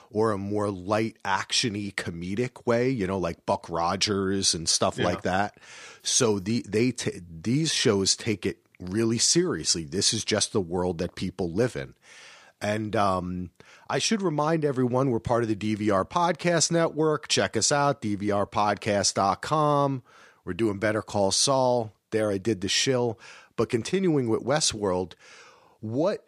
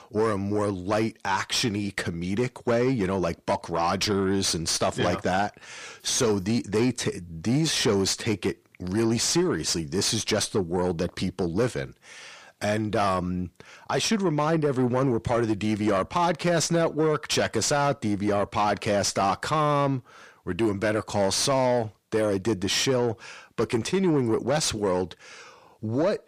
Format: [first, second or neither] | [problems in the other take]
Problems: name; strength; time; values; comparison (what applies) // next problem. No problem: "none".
first | distortion; slight; 10 dB below the speech